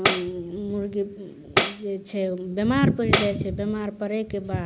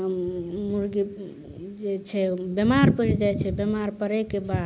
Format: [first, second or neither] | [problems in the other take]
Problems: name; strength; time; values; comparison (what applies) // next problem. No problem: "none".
second | background sound (Tambourine); 4 dB below the speech